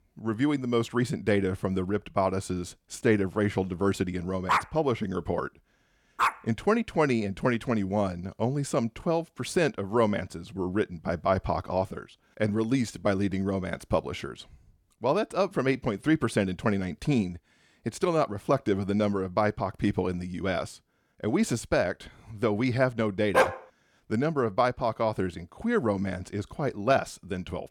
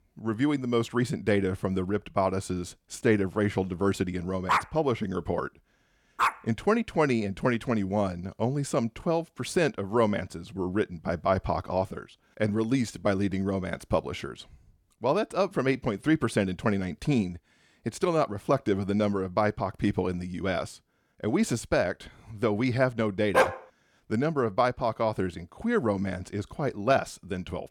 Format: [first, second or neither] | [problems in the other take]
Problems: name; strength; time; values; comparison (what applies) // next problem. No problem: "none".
neither | dog barking; loud; from 4.5 to 6.5 s and at 23 s; peak 4 dB above the speech; the same in both